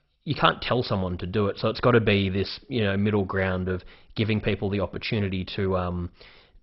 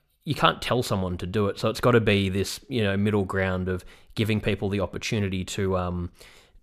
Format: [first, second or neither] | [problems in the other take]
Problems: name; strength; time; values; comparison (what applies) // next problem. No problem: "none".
second | garbled, watery; badly; nothing above 5.5 kHz